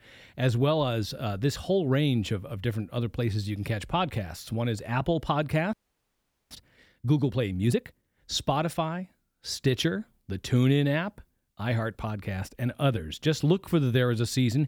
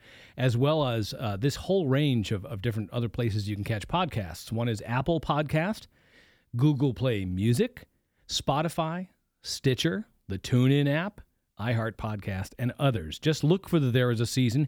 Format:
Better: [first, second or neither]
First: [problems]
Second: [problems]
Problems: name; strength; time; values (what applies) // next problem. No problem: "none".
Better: second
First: audio freezing; at 5.5 s for 1 s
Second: none